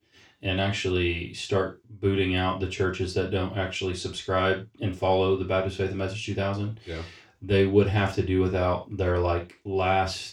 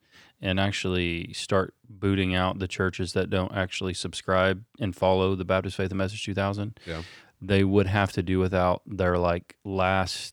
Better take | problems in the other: second | room echo; slight; dies away in 0.3 s // off-mic speech; far

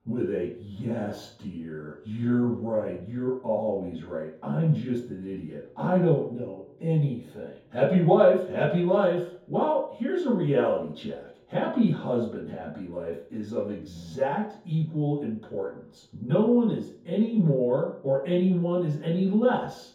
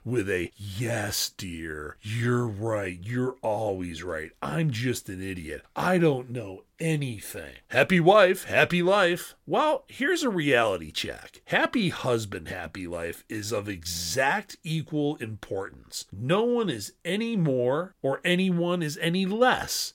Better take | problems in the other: second | room echo; noticeable; dies away in 0.6 s // off-mic speech; far

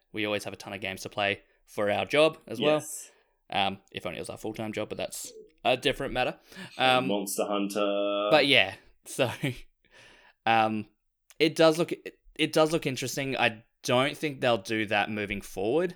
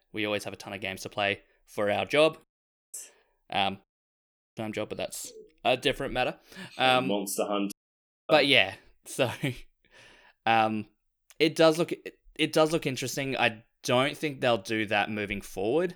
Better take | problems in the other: first | audio cutting out; at 2.5 s for 0.5 s, at 4 s for 0.5 s and at 7.5 s for 0.5 s

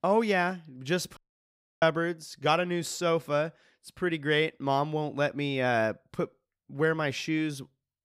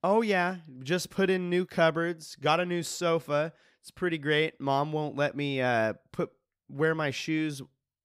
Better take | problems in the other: second | audio cutting out; at 1 s for 0.5 s

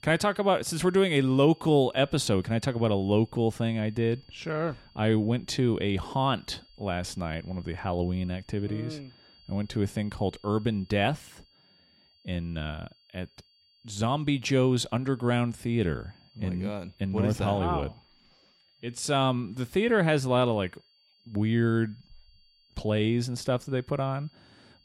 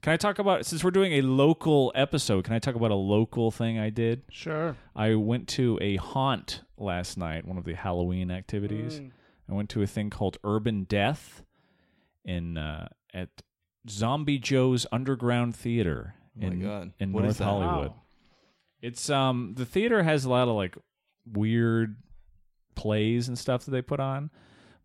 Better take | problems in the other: second | high-pitched whine; faint; throughout; 4.5 kHz, 30 dB below the speech

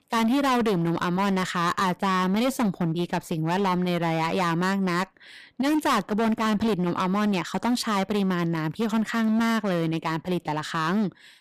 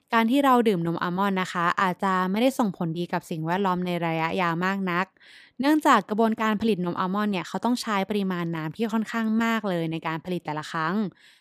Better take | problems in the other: second | distortion; heavy; 18% of the sound clipped

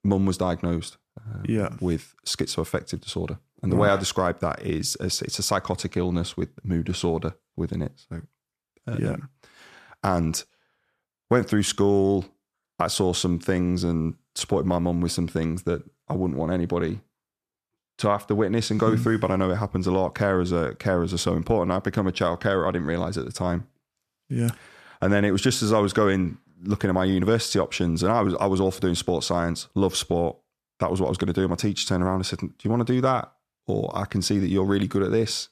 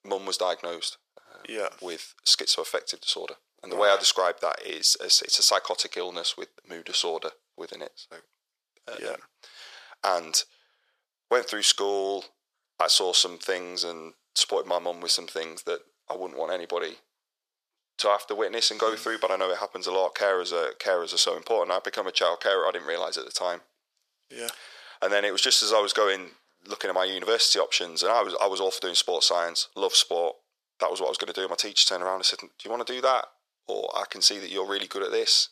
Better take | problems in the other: first | thin; very; fading below 500 Hz

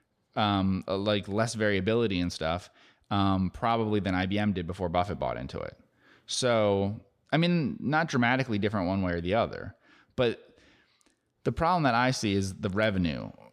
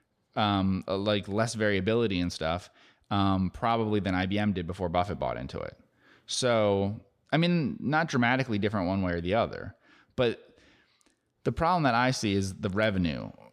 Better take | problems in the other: neither | none

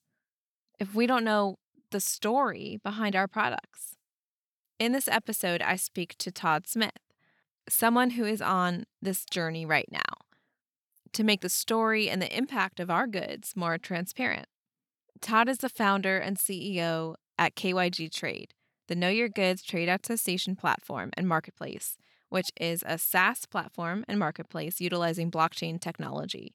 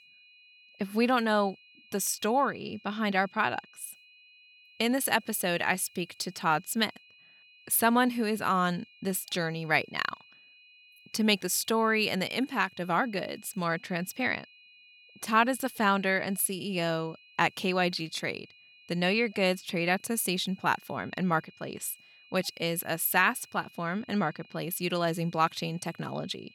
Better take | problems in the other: first | high-pitched whine; faint; throughout; 2.5 kHz, 25 dB below the speech

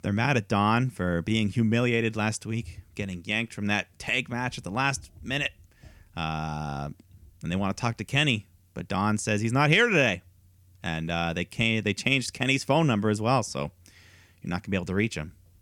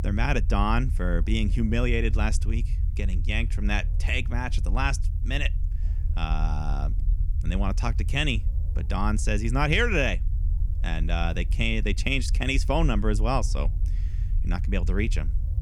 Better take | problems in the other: first | low rumble; noticeable; throughout; 20 dB below the speech

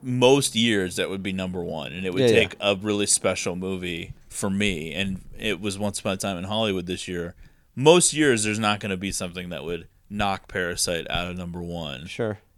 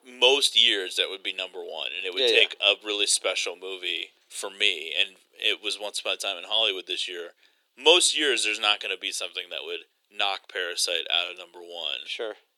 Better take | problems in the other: first | thin; very; fading below 350 Hz

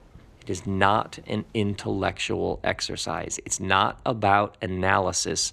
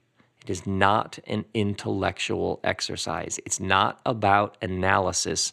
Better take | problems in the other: second | rain or running water; faint; throughout; 25 dB below the speech

